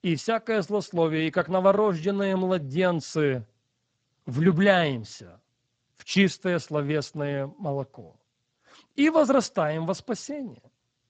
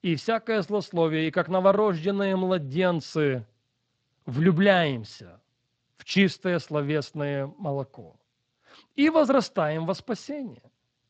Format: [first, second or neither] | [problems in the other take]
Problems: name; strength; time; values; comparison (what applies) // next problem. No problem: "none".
second | garbled, watery; badly; nothing above 7.5 kHz; slightly in the second